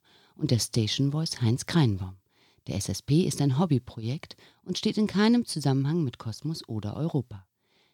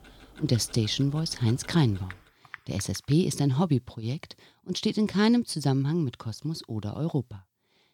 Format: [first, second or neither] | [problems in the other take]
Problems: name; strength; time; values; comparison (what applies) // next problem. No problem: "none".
first | household noises; faint; until 3 s; 20 dB below the speech